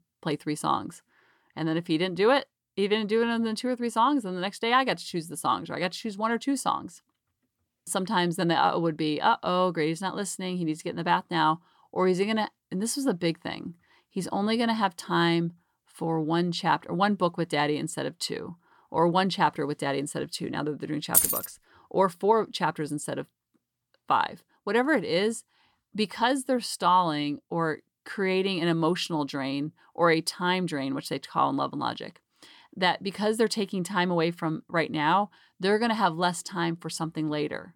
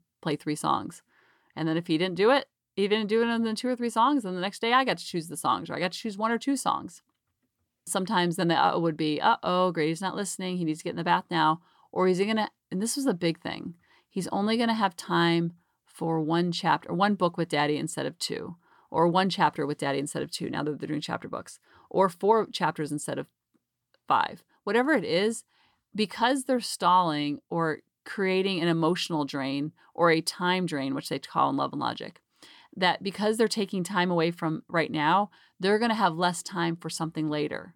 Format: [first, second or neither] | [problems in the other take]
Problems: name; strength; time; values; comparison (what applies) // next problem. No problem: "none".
second | jangling keys; loud; at 21 s; peak 6 dB above the speech